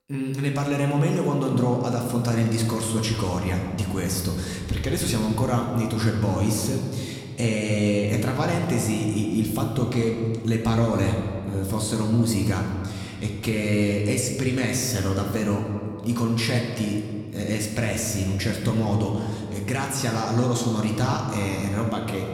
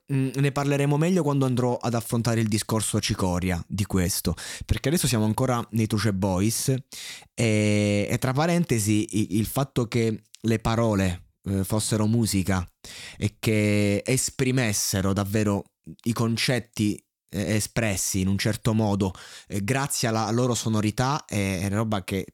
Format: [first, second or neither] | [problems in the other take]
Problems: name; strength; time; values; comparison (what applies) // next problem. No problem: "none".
second | room echo; noticeable; dies away in 2 s // off-mic speech; somewhat distant